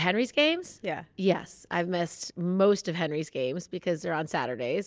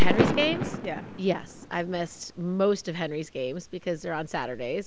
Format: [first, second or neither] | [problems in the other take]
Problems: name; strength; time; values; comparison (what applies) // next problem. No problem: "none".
first | background sound (Fireworks); 1 dB above the speech